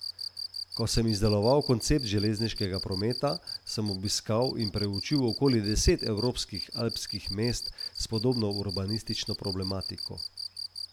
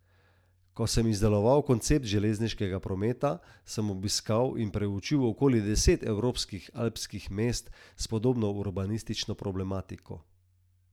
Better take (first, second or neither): second